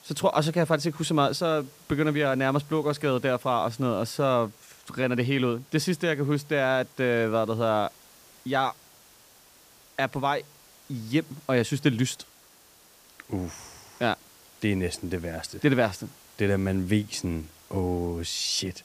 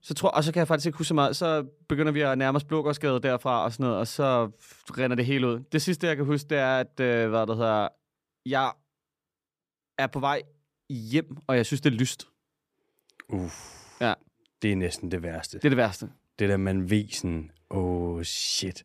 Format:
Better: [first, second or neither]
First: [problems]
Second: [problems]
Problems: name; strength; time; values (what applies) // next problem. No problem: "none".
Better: second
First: hiss; faint; throughout; 25 dB below the speech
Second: none